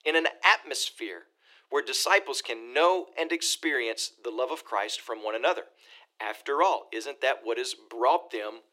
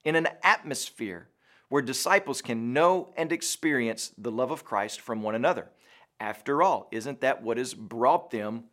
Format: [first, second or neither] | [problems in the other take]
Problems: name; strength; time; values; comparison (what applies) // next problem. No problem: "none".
second | thin; very; fading below 350 Hz